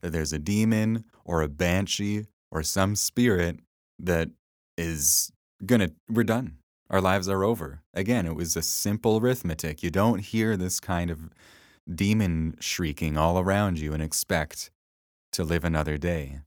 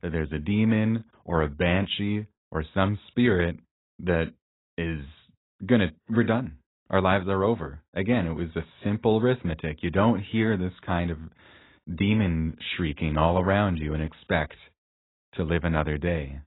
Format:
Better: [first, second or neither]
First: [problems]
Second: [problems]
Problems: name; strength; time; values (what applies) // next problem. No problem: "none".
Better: first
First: none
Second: garbled, watery; badly; nothing above 4 kHz